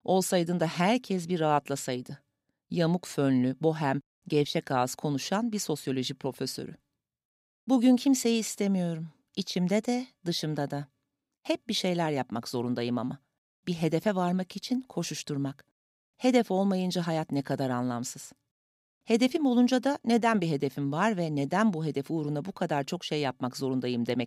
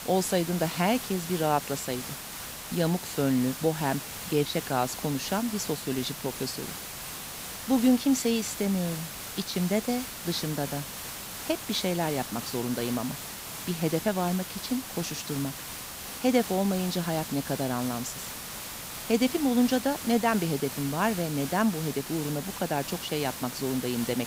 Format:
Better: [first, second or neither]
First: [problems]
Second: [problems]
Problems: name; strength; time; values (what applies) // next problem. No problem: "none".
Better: first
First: none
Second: hiss; loud; throughout; 7 dB below the speech